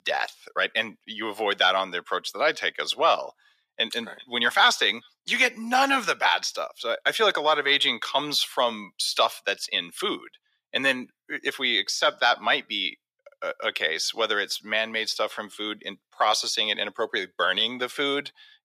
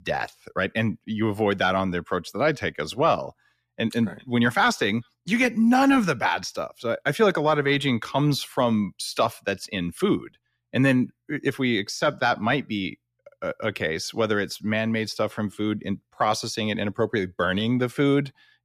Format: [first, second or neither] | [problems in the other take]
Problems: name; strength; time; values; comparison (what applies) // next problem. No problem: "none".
second | thin; somewhat; fading below 600 Hz